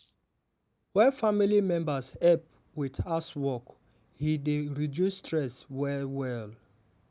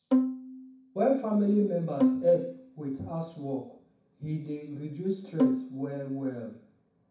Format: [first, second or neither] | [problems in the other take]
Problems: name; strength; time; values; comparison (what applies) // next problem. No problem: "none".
first | background sound (Bowed string instrument); as loud as the speech // room echo; dies away in 0.6 s